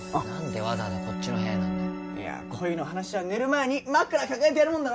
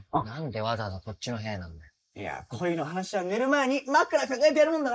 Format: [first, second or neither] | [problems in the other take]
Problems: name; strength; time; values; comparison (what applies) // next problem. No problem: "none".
first | noise reduction (neural mask model Resemble Enhance denoiser)